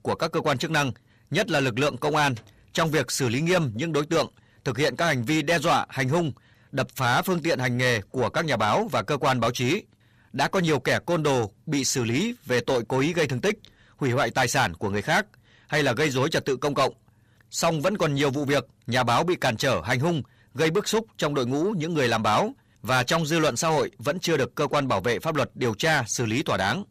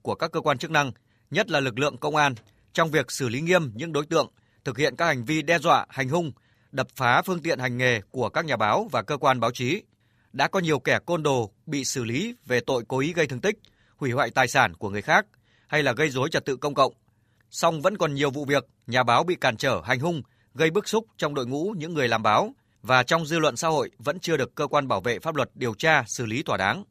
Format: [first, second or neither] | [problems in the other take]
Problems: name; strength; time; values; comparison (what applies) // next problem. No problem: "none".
second | distortion; heavy; 8 dB below the speech